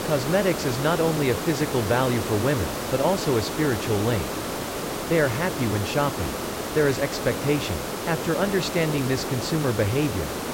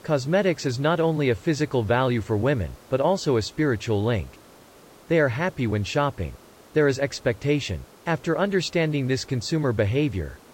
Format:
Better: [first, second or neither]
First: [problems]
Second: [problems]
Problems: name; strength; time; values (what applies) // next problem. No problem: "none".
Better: second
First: hiss; loud; throughout; 4 dB below the speech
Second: hiss; faint; throughout; 25 dB below the speech